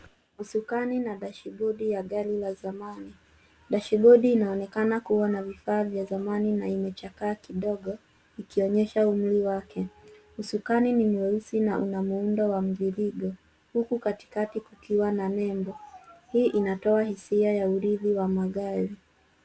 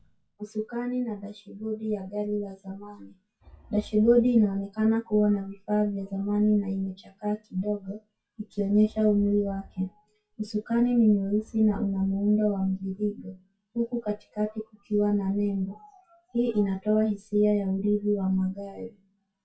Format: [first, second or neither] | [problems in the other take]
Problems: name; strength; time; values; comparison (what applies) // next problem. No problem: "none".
first | noise reduction (classical method WPE with log-MMSE)